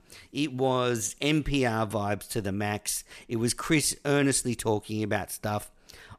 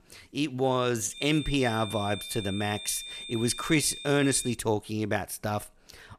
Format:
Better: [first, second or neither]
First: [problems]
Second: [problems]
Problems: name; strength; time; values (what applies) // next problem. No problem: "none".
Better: first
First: none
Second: high-pitched whine; loud; from 1 to 4.5 s; 3.5 kHz, 10 dB below the speech